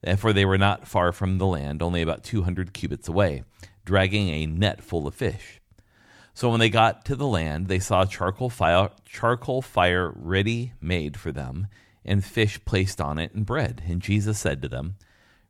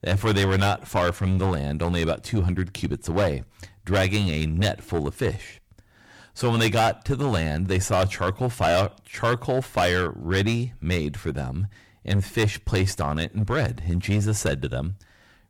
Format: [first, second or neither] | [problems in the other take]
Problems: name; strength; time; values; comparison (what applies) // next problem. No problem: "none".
first | distortion; heavy; 8% of the sound clipped